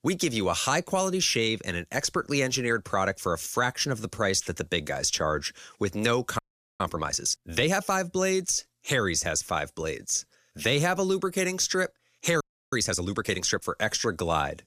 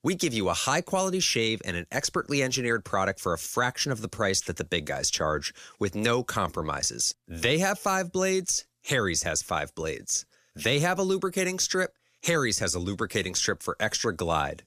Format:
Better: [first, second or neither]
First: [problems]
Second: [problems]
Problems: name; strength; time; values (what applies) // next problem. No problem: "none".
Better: second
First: audio freezing; at 6.5 s and at 12 s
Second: none